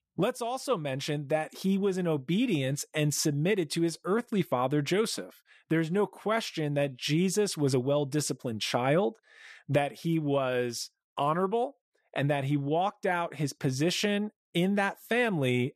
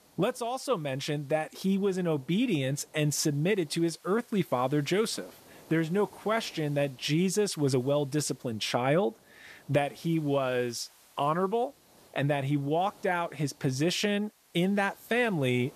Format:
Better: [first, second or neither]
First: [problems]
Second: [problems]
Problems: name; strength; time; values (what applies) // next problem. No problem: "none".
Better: first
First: none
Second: hiss; faint; throughout; 25 dB below the speech